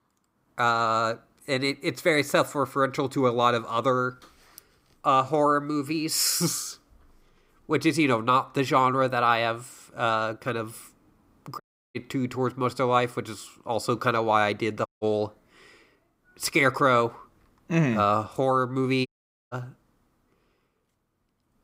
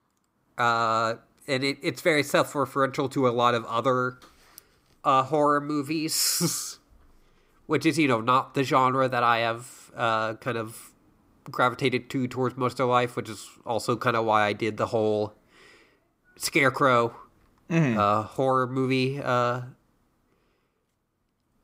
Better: second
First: audio cutting out; at 12 s, at 15 s and at 19 s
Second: none

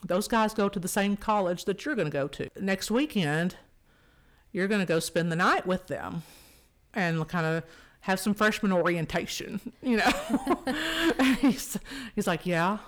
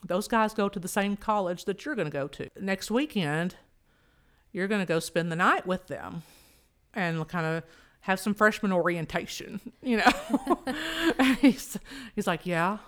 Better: second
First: distortion; slight; 10 dB below the speech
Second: none

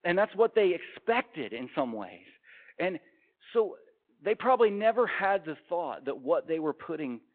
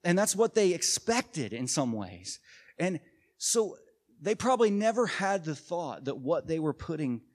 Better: second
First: phone-call audio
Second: none

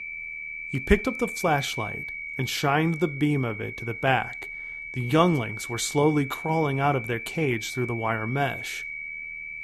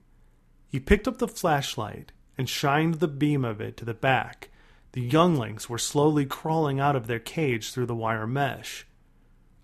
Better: second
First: high-pitched whine; loud; throughout; 2.5 kHz, 8 dB below the speech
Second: none

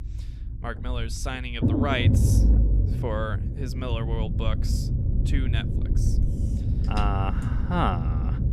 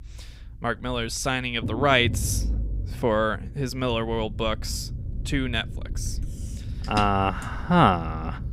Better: second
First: low rumble; loud; throughout; 5 dB below the speech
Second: low rumble; faint; throughout; 20 dB below the speech

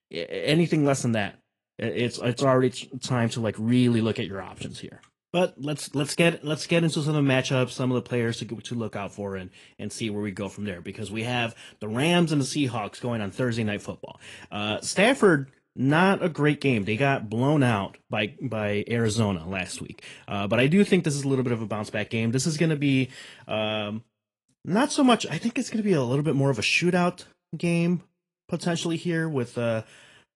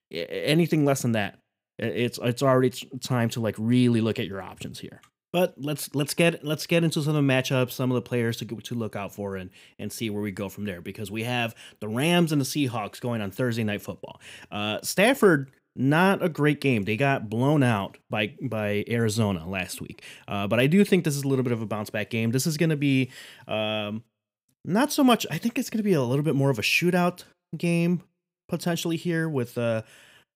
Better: second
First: garbled, watery; slightly; nothing above 10.5 kHz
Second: none

